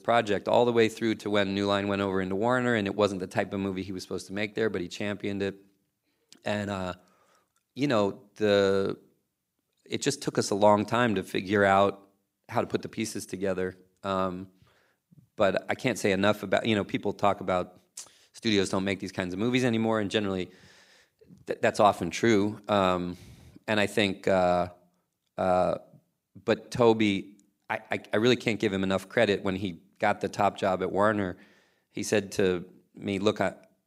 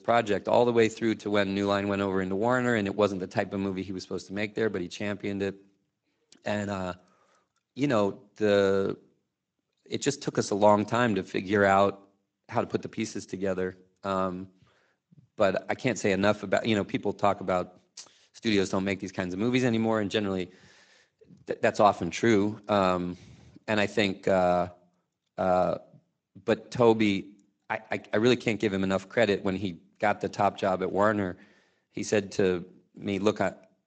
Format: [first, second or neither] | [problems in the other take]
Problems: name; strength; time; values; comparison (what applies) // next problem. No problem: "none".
first | garbled, watery; slightly; nothing above 7.5 kHz